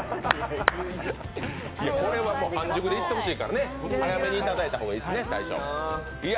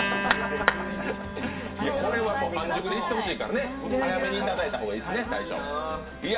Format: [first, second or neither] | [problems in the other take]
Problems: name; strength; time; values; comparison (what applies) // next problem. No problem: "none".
first | background sound (Acoustic guitar); 9 dB below the speech // room echo; dies away in 0.2 s